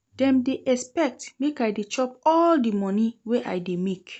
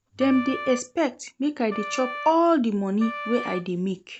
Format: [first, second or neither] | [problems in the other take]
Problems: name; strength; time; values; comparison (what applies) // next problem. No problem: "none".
first | background sound (Wind instrument, woodwind instrument); 12 dB below the speech